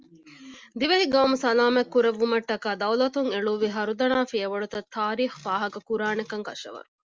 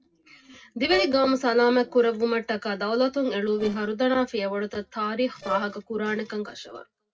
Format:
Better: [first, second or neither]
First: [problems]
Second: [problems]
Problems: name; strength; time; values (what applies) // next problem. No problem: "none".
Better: first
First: none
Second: noise reduction (neural separator model SepFormer DNS4)